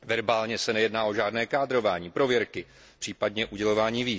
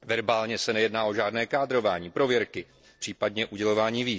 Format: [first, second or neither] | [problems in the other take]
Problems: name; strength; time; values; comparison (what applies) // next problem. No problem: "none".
first | noise reduction (neural separator model SepFormer DNS4)